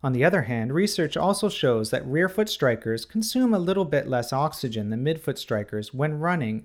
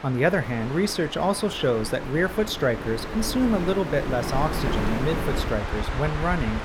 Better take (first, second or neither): first